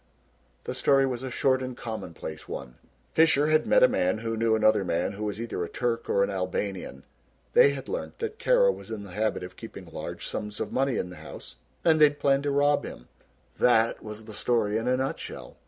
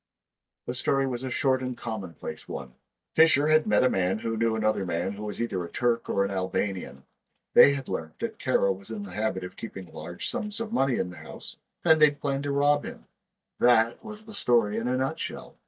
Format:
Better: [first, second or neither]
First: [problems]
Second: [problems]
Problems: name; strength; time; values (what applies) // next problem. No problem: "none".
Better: first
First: none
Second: noise reduction (neural mask model DeepFilterNet 3)